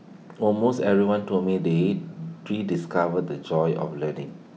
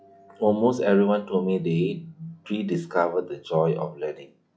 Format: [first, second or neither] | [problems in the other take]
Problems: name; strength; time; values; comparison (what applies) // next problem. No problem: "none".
first | noise reduction (classical method log-MMSE)